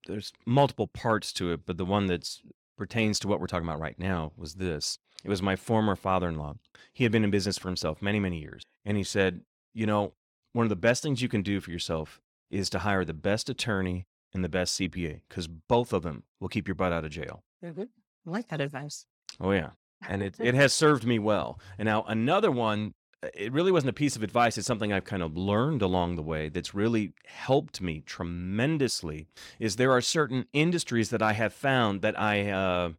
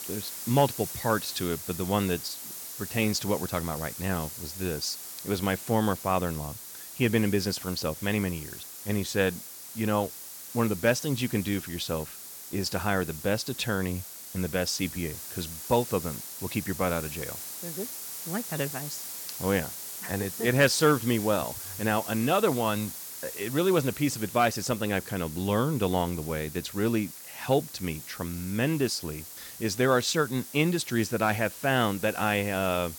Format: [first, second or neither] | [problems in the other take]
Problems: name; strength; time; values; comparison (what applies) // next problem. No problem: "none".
first | hiss; loud; throughout; 9 dB below the speech